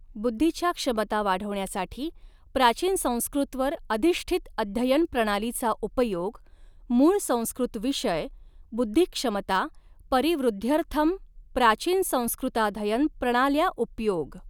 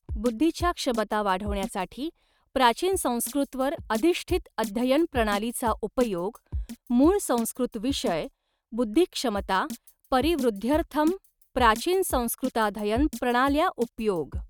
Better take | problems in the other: first | noise reduction (neural mask model RNNoise)

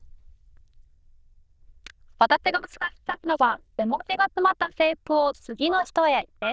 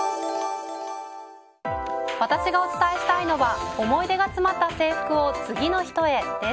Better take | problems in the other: second | noise reduction (neural diffusion model UNIVERSE++)

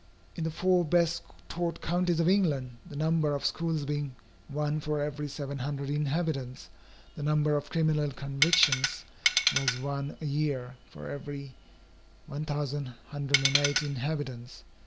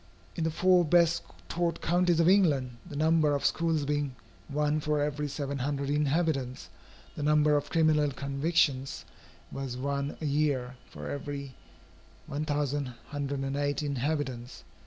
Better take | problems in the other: second | background sound (Tools); 2 dB above the speech

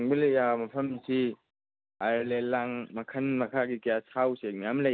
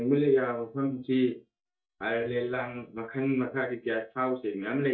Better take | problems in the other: first | noise reduction (neural mask model DeepFilterNet 3)

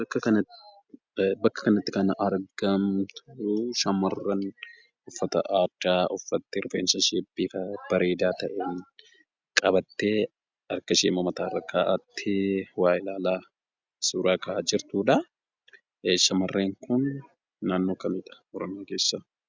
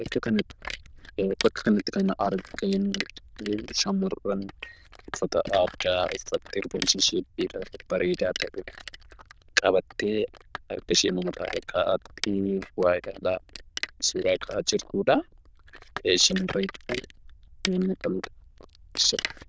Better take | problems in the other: first | noise reduction (neural diffusion model UNIVERSE++)

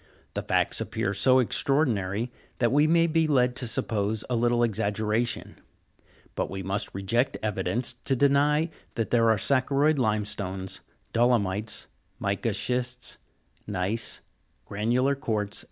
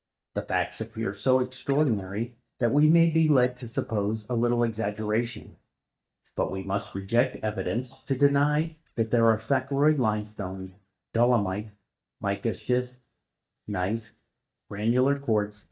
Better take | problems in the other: first | noise reduction (neural mask model DeepFilterNet 3)

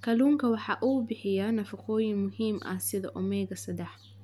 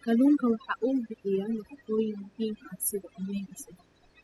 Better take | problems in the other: first | noise reduction (classical method spectral subtraction)

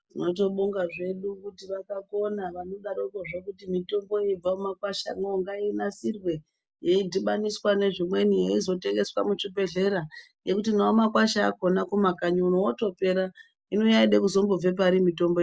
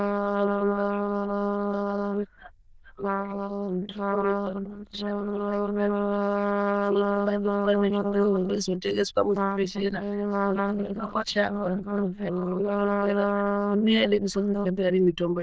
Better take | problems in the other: first | noise reduction (neural diffusion model UNIVERSE++)

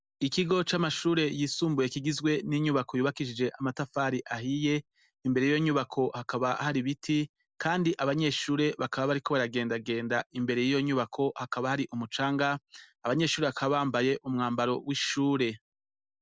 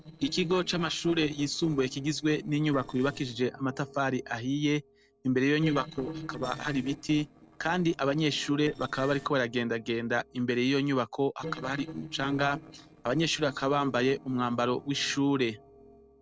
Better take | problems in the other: first | noise reduction (neural separator model SepFormer DNS4)

